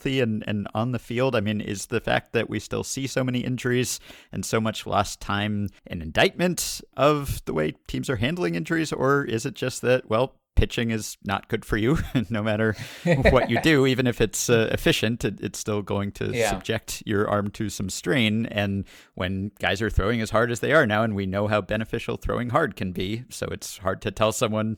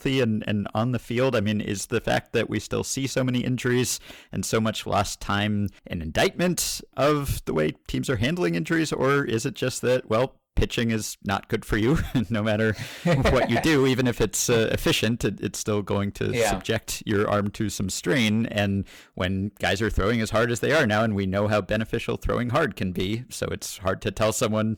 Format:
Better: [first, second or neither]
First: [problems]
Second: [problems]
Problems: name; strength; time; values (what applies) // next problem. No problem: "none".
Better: first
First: none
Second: distortion; slight; 5% of the sound clipped